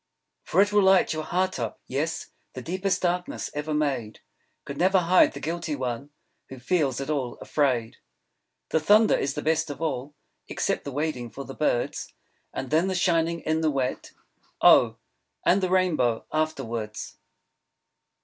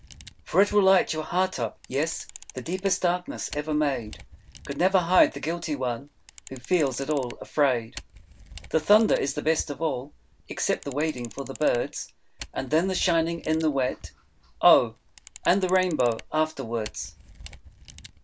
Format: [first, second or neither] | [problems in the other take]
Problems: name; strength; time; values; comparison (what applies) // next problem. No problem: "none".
first | background sound (Camera); 19 dB below the speech